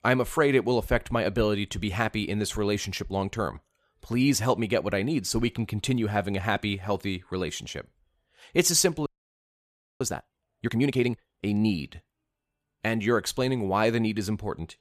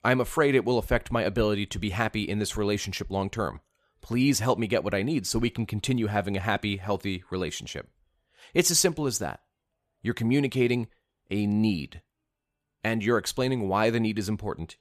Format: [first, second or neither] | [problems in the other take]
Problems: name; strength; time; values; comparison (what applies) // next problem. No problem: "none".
second | audio freezing; at 9 s for 1 s